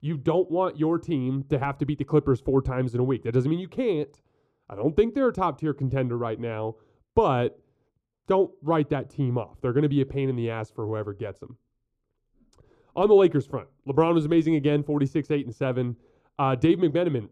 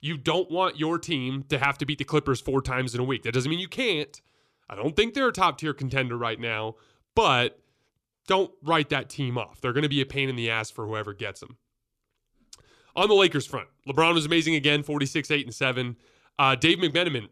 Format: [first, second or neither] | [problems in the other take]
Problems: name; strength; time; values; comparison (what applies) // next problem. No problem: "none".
second | muffled; very; fading above 1.5 kHz